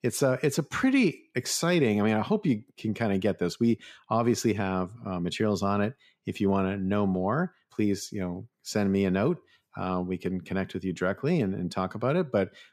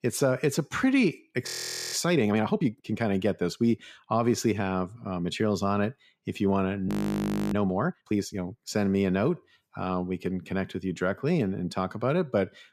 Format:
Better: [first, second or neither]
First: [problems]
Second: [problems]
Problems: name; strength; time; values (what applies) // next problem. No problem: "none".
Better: first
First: none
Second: audio freezing; at 1.5 s and at 7 s for 0.5 s